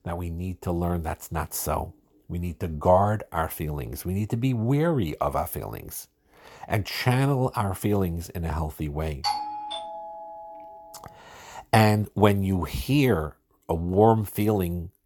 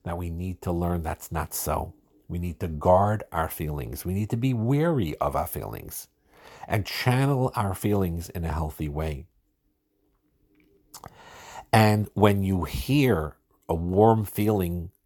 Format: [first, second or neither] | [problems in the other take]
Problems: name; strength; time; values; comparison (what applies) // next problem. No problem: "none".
second | doorbell; noticeable; from 9 to 11 s; peak 3 dB below the speech